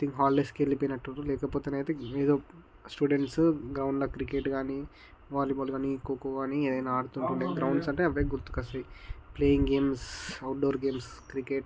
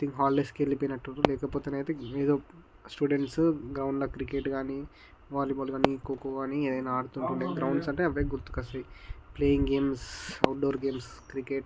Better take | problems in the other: first | background sound (Fireworks); 9 dB below the speech

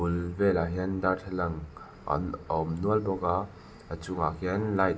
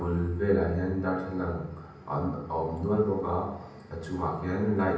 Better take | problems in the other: first | room echo; dies away in 0.8 s

